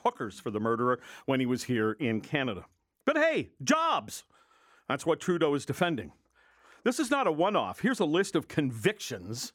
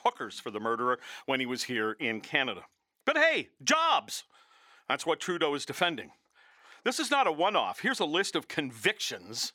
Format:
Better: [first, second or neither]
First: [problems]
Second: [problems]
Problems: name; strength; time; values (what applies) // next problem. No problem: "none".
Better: first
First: none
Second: thin; somewhat; fading below 500 Hz